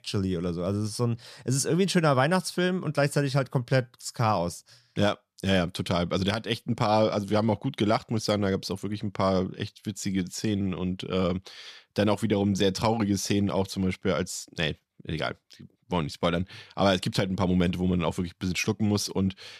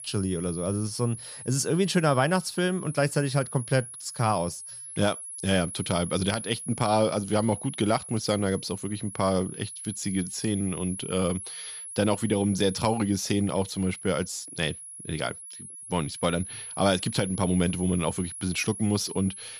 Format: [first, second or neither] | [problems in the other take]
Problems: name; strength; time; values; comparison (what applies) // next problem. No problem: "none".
first | high-pitched whine; loud; throughout; 10.5 kHz, 10 dB below the speech